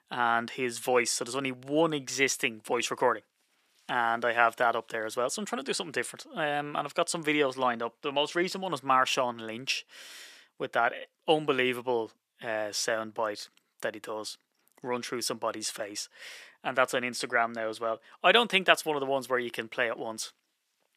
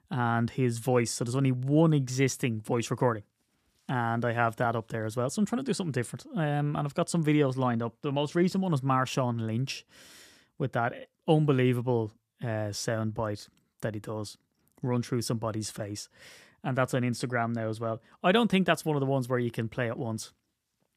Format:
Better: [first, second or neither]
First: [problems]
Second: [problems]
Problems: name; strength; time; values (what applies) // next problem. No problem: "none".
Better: second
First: thin; somewhat; fading below 450 Hz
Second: none